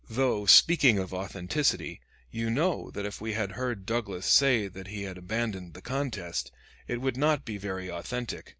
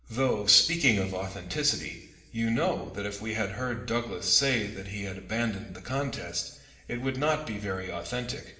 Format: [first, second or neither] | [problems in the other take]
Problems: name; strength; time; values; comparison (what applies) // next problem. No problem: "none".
first | room echo; dies away in 2 s